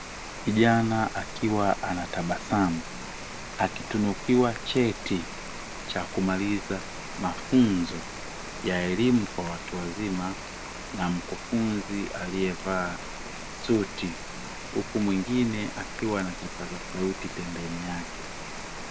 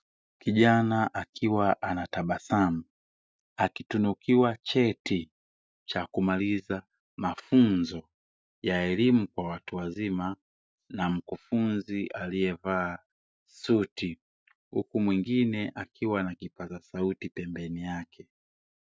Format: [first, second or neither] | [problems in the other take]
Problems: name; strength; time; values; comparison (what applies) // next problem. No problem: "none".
second | background sound (Rain); 9 dB below the speech